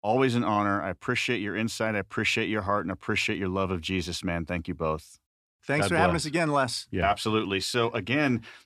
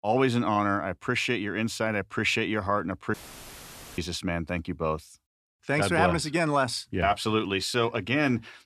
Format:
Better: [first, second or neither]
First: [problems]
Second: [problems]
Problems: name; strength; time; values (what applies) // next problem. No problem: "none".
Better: first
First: none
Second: audio cutting out; filled with static; at 3 s for 1 s